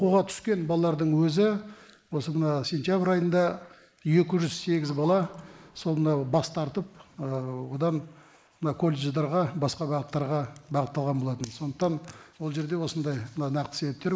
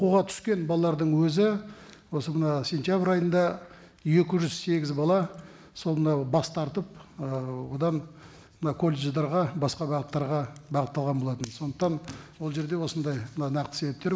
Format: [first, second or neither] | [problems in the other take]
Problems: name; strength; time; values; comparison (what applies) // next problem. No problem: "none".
second | noise reduction (neural mask model Resemble Enhance denoiser)